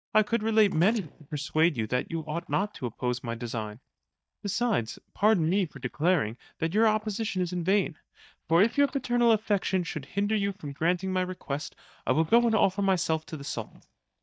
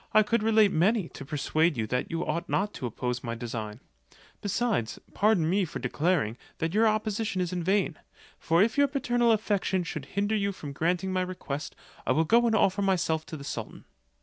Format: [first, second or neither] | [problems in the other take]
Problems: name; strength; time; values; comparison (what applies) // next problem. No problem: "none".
second | noise reduction (neural mask model DeepFilterNet 3)